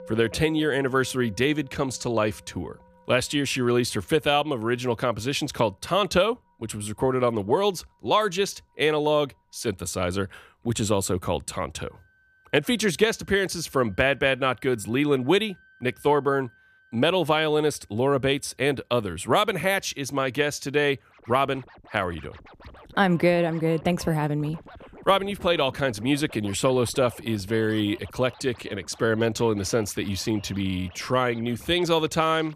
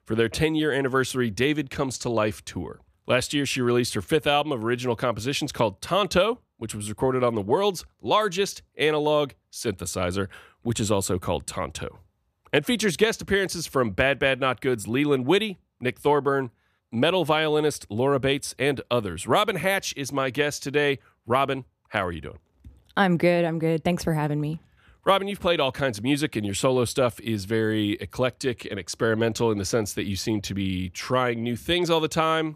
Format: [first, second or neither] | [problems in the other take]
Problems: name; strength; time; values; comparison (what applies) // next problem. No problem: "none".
second | background music; faint; throughout; 25 dB below the speech